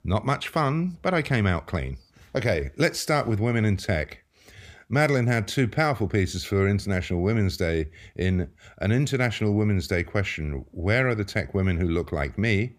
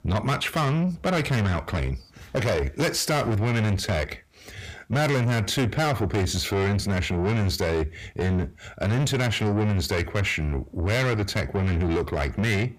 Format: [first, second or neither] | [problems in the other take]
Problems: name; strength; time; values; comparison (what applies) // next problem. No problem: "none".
first | distortion; heavy; 6 dB below the speech